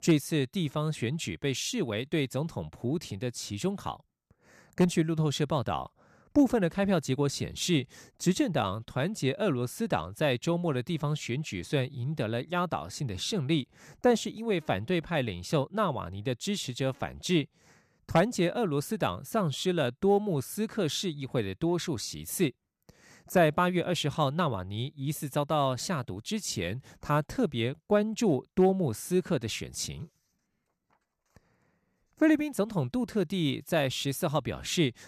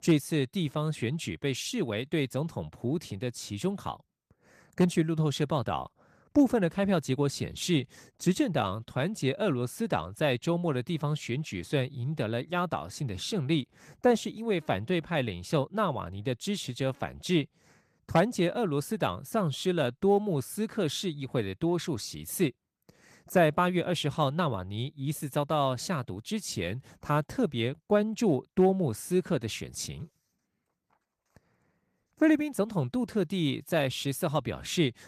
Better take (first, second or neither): first